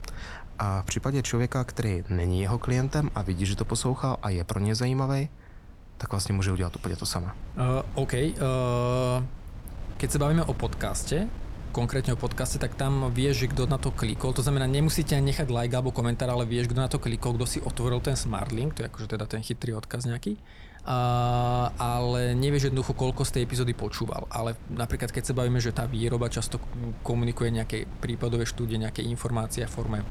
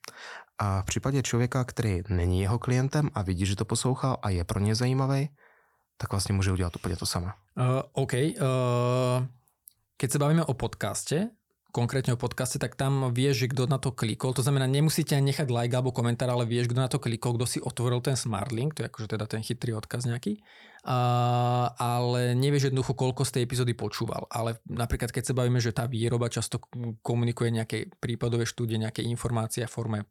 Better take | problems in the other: second | wind noise on the microphone; occasional gusts; 15 dB below the speech

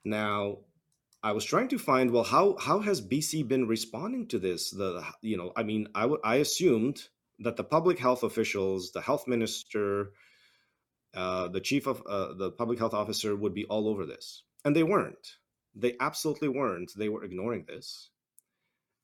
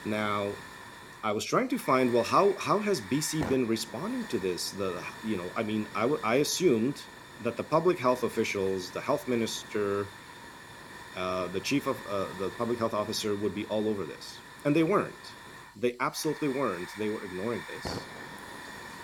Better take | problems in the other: first | hiss; noticeable; throughout; 15 dB below the speech

